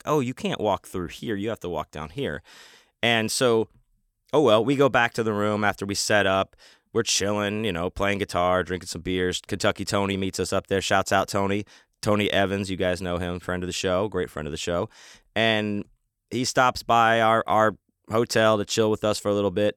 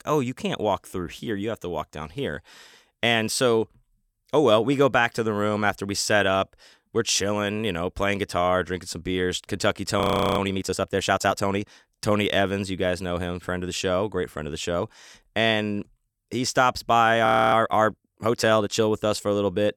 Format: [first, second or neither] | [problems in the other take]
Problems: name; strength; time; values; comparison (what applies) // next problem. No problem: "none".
first | audio freezing; at 10 s and at 17 s